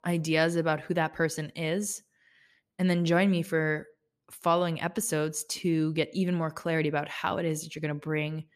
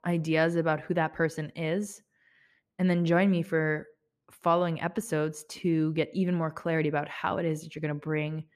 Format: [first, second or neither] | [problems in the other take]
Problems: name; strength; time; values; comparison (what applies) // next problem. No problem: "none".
first | muffled; slightly; fading above 3 kHz